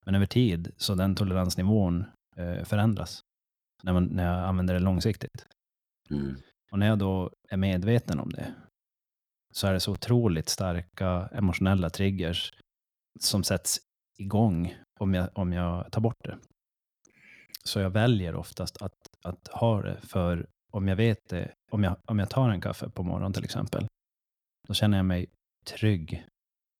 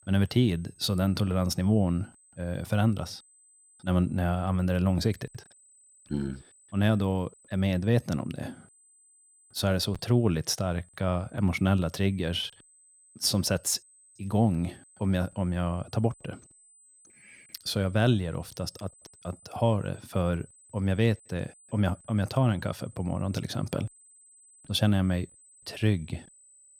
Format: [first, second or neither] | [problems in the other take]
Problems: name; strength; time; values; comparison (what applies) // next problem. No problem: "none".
first | high-pitched whine; faint; throughout; 8 kHz, 25 dB below the speech